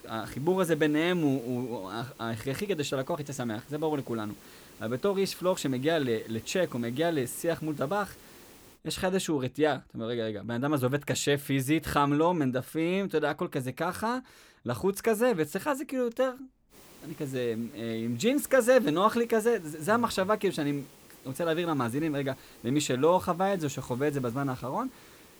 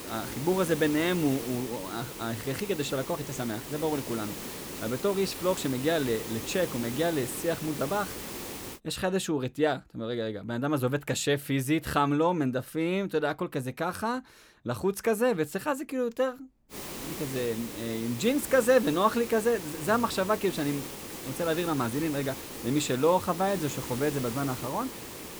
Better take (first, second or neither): first